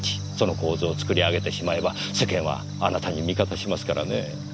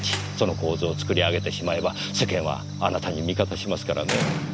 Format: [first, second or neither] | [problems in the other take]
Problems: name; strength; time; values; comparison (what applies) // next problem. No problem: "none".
first | background sound (Slam); 10 dB below the speech